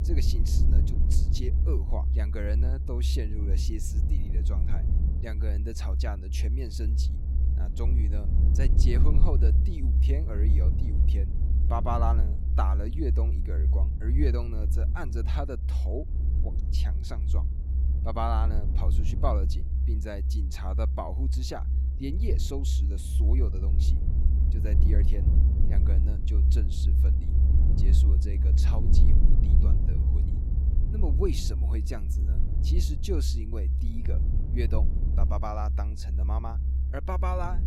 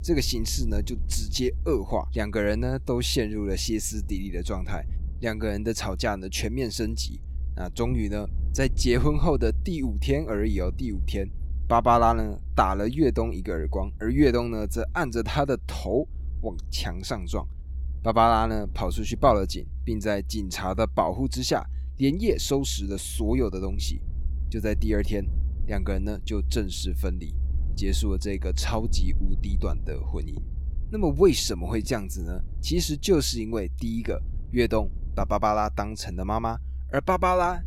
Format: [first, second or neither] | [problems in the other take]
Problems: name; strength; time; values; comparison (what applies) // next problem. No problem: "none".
second | low rumble; loud; throughout; 6 dB below the speech; faint in the second